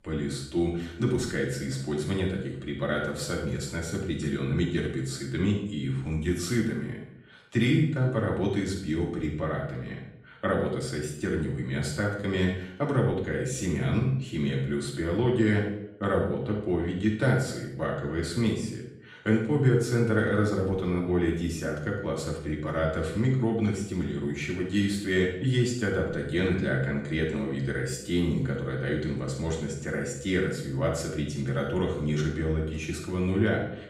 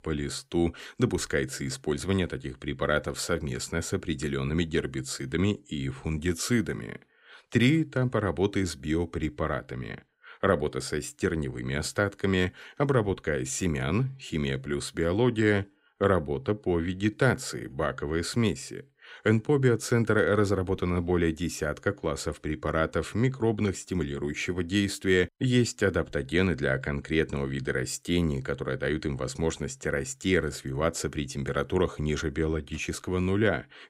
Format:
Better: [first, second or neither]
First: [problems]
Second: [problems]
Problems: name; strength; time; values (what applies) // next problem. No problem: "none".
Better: second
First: off-mic speech; far // room echo; noticeable; dies away in 0.6 s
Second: none